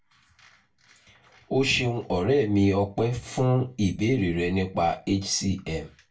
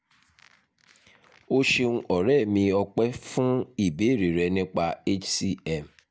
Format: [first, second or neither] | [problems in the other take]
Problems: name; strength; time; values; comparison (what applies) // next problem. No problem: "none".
second | room echo; dies away in 0.2 s